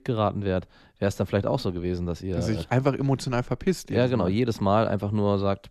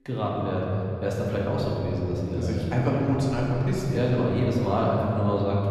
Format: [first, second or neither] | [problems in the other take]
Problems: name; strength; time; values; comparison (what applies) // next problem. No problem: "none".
first | room echo; noticeable; dies away in 3 s // off-mic speech; far